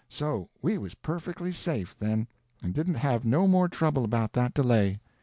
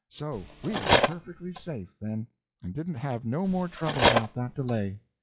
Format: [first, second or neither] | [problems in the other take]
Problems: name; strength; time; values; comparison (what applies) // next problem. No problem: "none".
first | noise reduction (classical method log-MMSE)